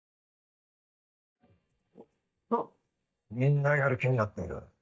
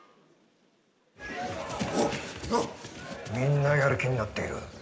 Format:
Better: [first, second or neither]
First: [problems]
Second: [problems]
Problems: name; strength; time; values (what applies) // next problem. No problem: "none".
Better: second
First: noise reduction (neural mask model DeepFilterNet 3)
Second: none